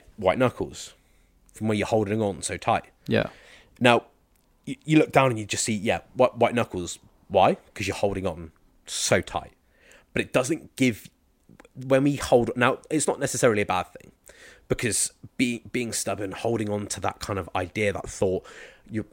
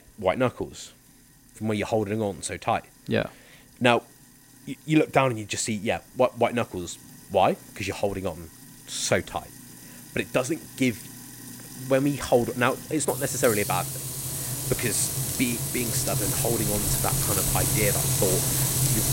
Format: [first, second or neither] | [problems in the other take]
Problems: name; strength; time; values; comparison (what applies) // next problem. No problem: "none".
first | household noises; very loud; throughout; 1 dB above the speech